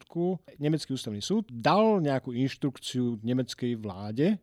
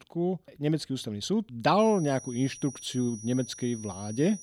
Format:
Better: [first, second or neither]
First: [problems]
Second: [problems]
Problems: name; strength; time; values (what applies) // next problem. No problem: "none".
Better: first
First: none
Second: high-pitched whine; noticeable; from 2 s on; 6 kHz, 15 dB below the speech